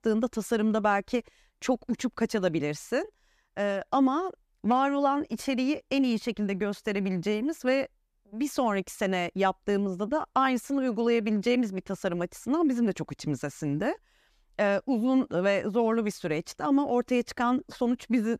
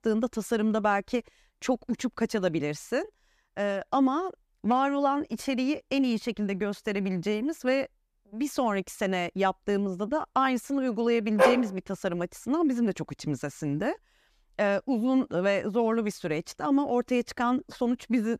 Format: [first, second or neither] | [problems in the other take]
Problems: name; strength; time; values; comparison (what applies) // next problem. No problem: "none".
first | dog barking; loud; at 11 s; peak 5 dB above the speech